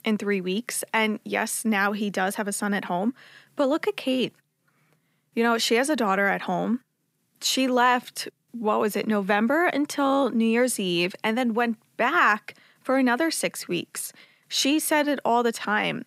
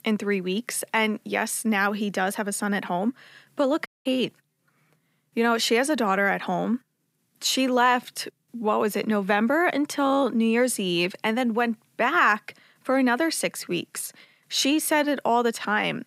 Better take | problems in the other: first | audio cutting out; at 4 s

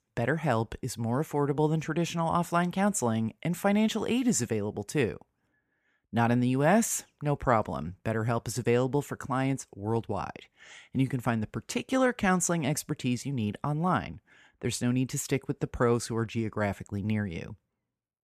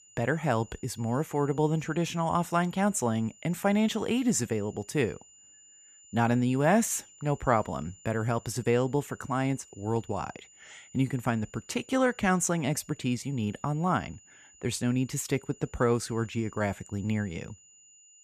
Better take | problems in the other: first | high-pitched whine; faint; throughout; 7 kHz, 25 dB below the speech

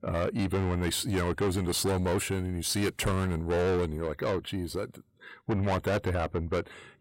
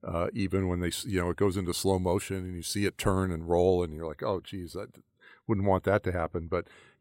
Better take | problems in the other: second | distortion; heavy; 6 dB below the speech

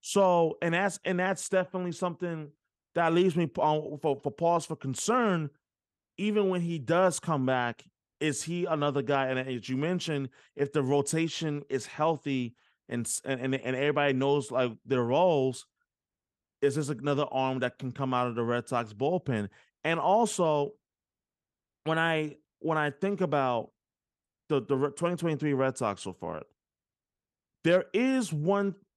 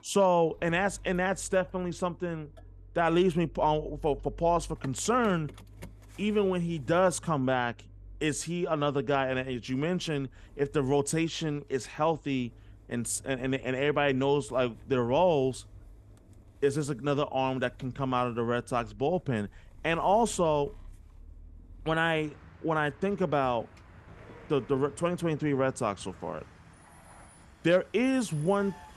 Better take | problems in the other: first | traffic noise; faint; throughout; 25 dB below the speech

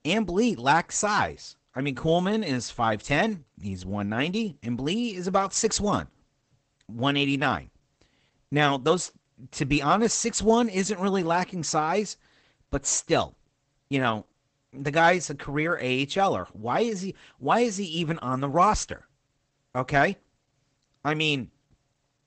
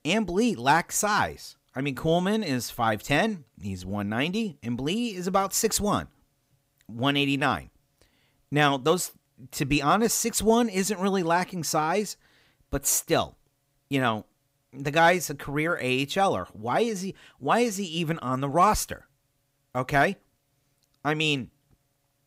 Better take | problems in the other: second | garbled, watery; badly; nothing above 8 kHz

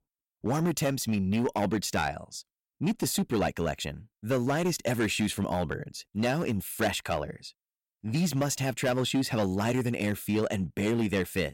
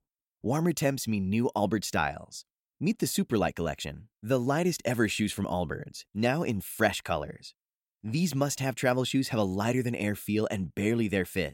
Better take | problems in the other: second | distortion; slight; 8% of the sound clipped

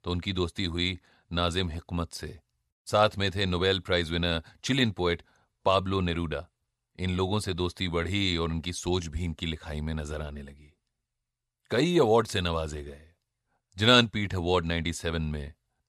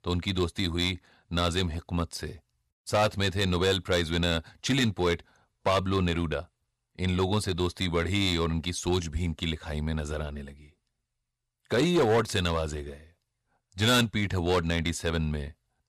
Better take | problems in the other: first | distortion; slight; 4% of the sound clipped

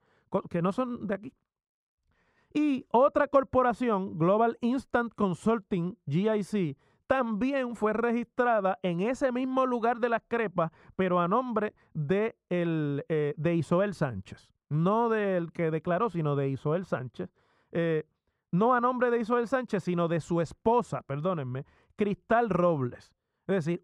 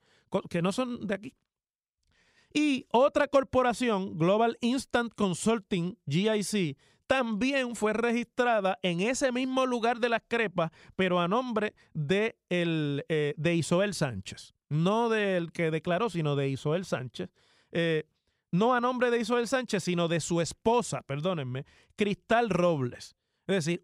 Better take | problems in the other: second | muffled; slightly; fading above 2 kHz

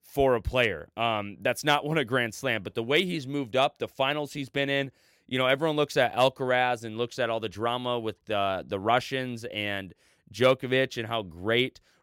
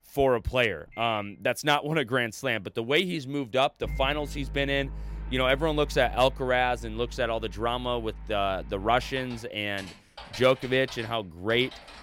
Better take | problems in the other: first | household noises; noticeable; throughout; 15 dB below the speech

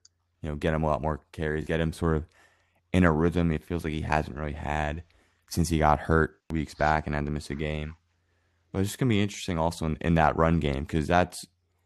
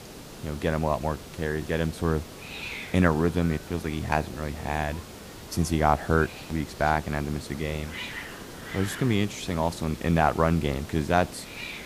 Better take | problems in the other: first | hiss; noticeable; throughout; 15 dB below the speech

